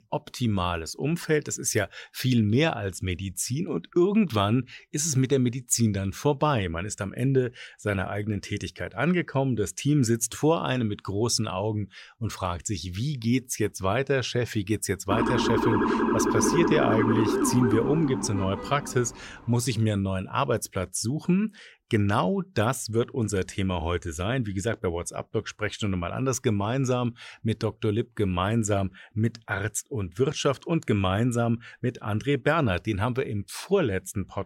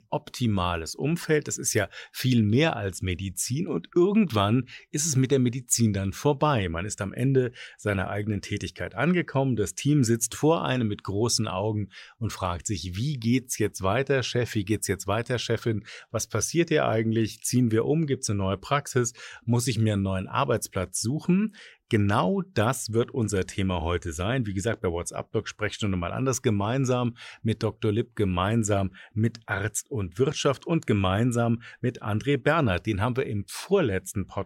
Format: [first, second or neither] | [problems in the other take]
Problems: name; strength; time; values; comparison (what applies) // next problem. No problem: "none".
second | siren; loud; from 15 to 19 s; peak 3 dB above the speech